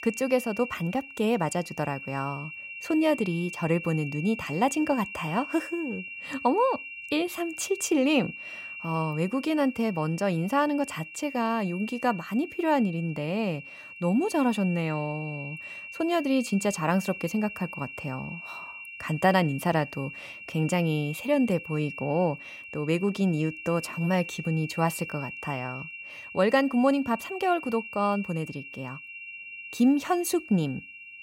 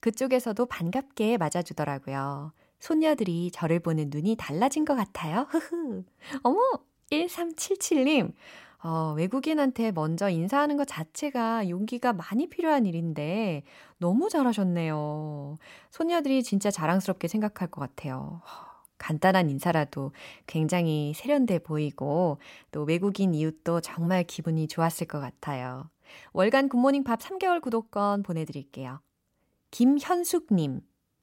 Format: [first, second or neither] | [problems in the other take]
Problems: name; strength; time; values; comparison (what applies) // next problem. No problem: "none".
second | high-pitched whine; noticeable; throughout; 2.5 kHz, 10 dB below the speech